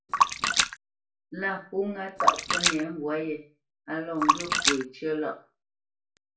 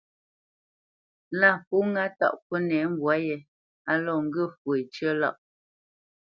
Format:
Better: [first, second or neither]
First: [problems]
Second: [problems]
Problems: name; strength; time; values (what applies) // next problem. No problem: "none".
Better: second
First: background sound (Splash, splatter); 4 dB above the speech // room echo; dies away in 0.3 s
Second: none